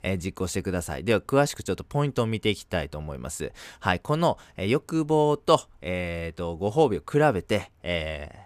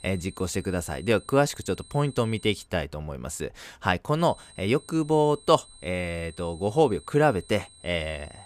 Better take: first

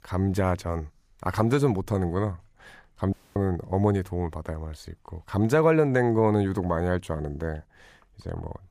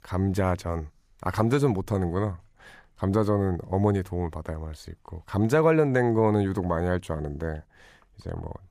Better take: second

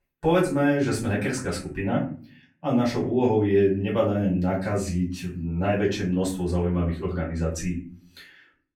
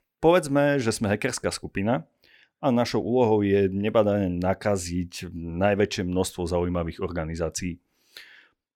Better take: second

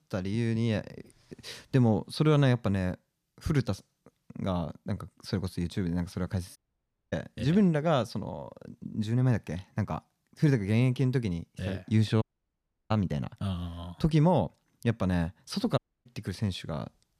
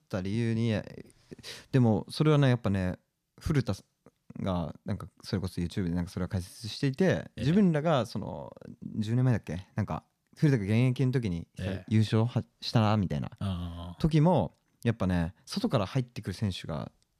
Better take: second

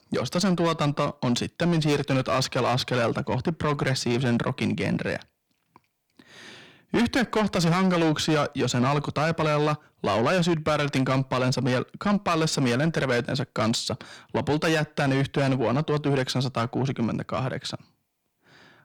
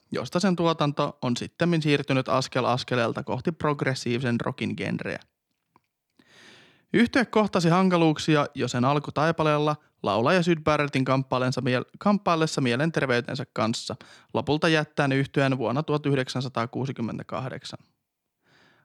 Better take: second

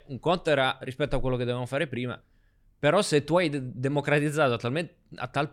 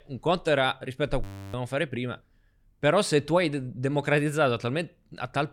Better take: first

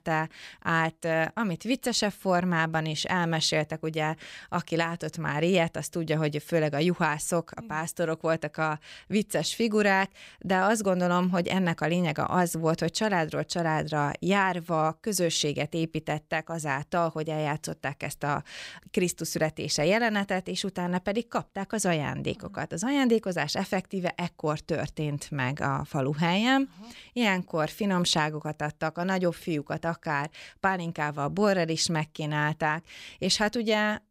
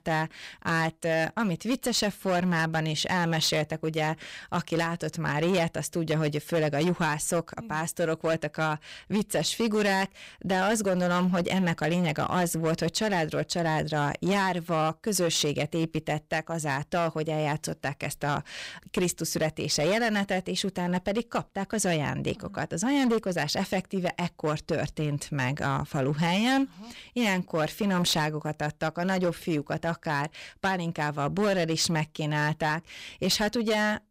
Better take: first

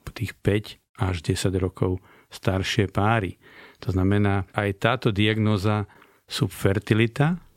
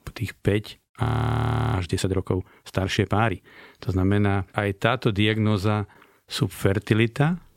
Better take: first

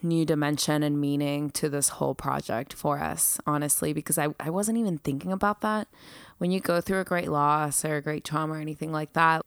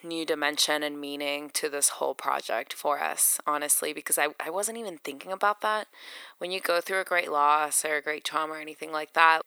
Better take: first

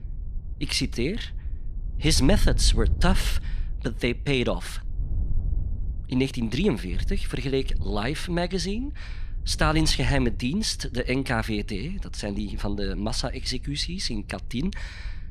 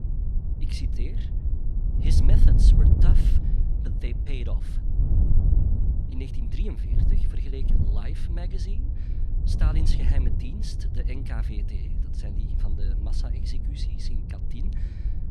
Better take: first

